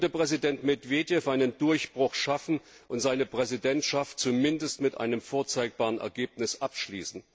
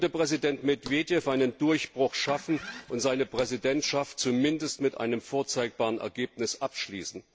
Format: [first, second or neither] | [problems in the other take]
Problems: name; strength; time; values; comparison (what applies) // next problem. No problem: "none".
first | background sound (Engine starting + Thump, thud); 19 dB below the speech